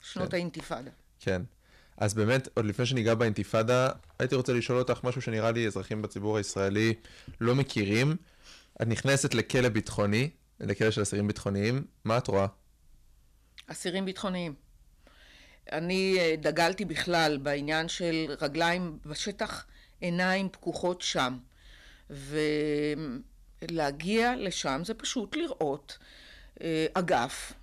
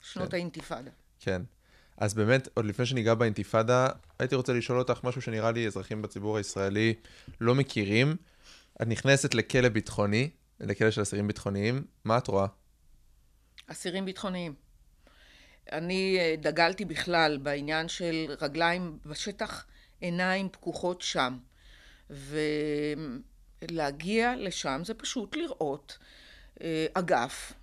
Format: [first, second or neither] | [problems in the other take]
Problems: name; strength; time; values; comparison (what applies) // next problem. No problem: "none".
second | distortion; slight; 3% of the sound clipped